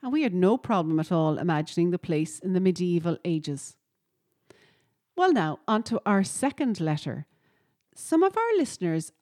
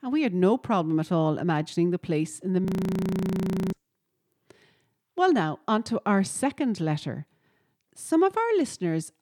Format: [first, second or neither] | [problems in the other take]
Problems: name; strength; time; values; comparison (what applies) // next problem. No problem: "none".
first | audio freezing; at 2.5 s for 1 s